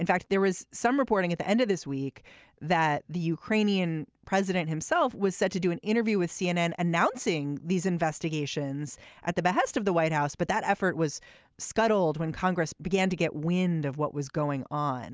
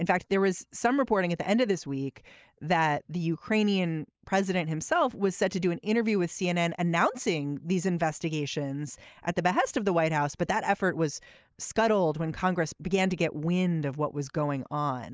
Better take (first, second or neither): first